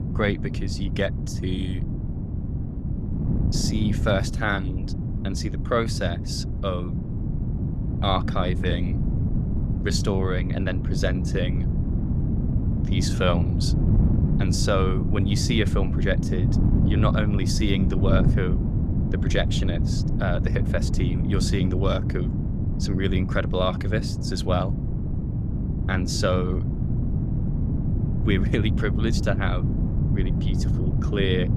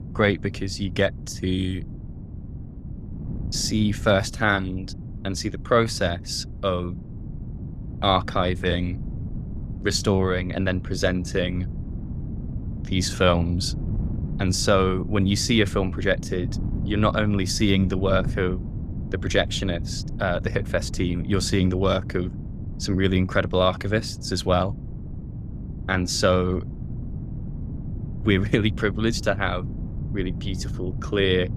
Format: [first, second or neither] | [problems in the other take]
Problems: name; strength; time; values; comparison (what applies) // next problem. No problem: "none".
second | wind noise on the microphone; heavy; 7 dB below the speech; occasional gusts in the second